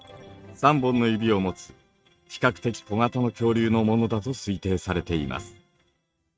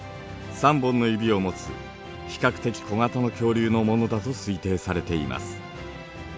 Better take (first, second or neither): second